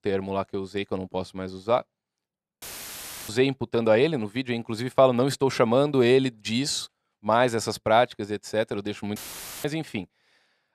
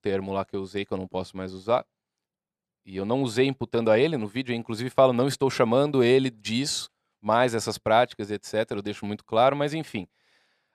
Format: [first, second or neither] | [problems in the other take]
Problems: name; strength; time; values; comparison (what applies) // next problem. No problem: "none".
second | audio cutting out; filled with static; at 2.5 s for 0.5 s and at 9 s